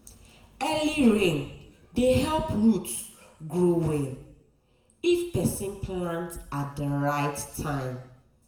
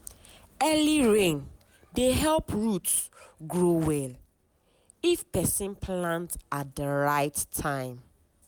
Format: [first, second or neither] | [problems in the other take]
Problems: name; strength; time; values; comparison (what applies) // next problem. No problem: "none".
second | room echo; dies away in 0.8 s